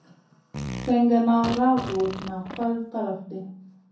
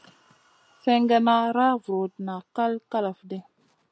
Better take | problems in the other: second | background sound (Fart); 11 dB below the speech // room echo; dies away in 0.5 s

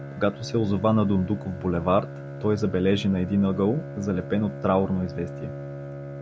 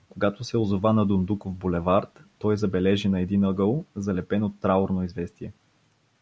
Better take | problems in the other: second | background sound (Bowed string instrument); 11 dB below the speech

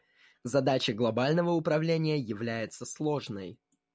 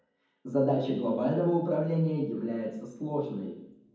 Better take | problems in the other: first | room echo; dies away in 1.2 s

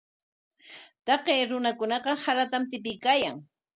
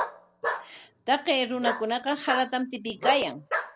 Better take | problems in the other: first | background sound (Bark); 5 dB below the speech

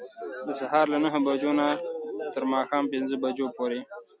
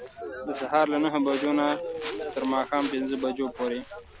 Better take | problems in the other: first | background sound (Walk, footsteps); 18 dB below the speech

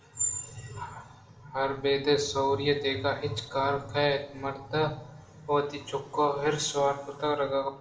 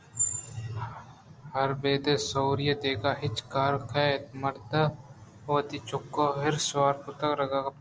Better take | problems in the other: second | room echo; dies away in 0.8 s

